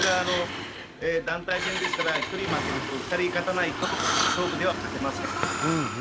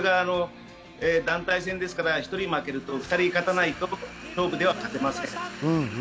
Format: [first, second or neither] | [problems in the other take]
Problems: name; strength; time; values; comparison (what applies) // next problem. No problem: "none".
second | background sound (Breathing + Engine starting); 1 dB below the speech